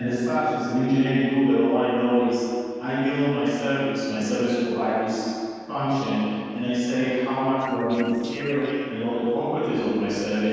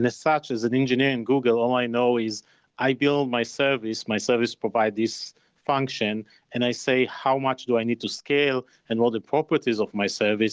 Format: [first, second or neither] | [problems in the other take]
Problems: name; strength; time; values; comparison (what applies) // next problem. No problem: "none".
second | noise reduction (neural separator model SepFormer DNS4)